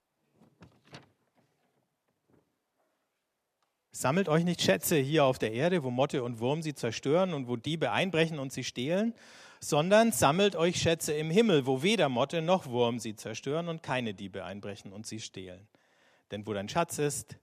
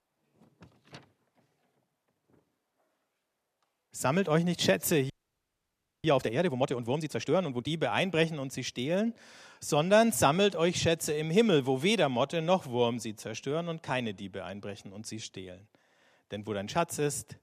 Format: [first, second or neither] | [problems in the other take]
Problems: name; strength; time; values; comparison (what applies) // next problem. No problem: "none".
first | audio freezing; at 5 s for 1 s